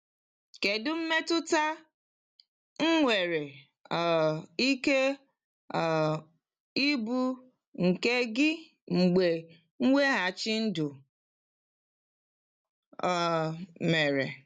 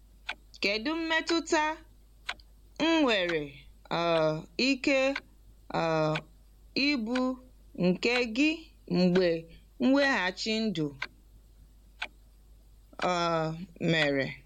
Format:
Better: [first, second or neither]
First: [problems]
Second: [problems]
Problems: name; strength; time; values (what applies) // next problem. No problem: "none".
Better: first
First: none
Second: background sound (Clock); 17 dB below the speech